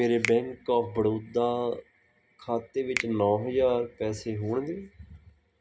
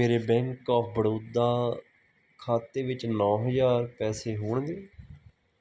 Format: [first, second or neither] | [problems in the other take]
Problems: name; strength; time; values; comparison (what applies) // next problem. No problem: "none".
second | background sound (Finger snapping); 13 dB below the speech // room echo; dies away in 0.3 s